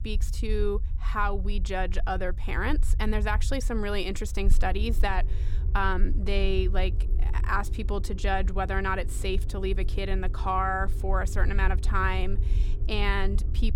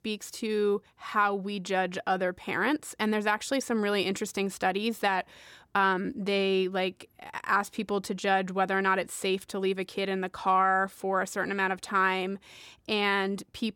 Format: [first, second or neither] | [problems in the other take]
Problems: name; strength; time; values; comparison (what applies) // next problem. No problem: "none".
second | low rumble; noticeable; throughout; 20 dB below the speech